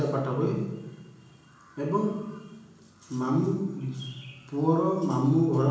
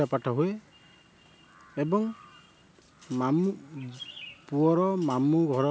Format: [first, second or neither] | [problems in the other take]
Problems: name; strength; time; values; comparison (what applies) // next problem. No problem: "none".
second | room echo; dies away in 1 s